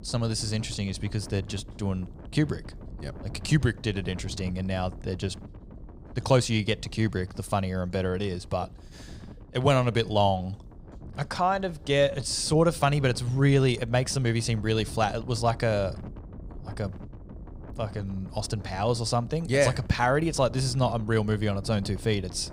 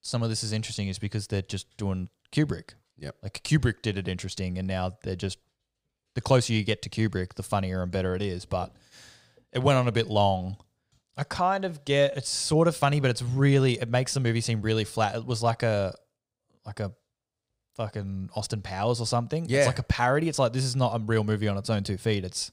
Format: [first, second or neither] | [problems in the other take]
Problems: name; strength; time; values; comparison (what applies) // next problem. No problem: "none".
second | wind noise on the microphone; occasional gusts; 20 dB below the speech